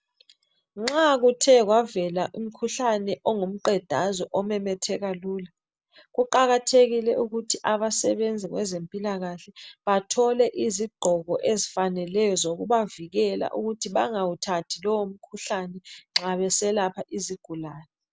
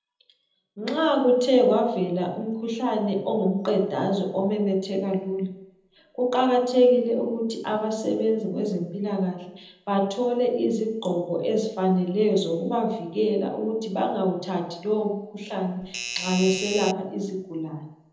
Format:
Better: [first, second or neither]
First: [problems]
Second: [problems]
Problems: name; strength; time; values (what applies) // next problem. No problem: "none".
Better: first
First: none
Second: background sound (Doorbell); 8 dB below the speech // room echo; dies away in 0.8 s